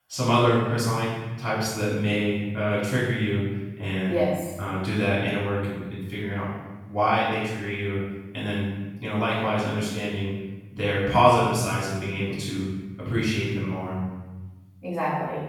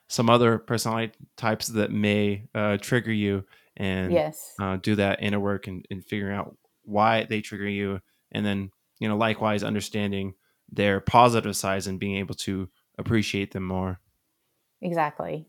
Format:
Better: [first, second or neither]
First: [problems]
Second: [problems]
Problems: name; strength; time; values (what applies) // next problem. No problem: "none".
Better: second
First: off-mic speech; far // room echo; strong; dies away in 1.2 s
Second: none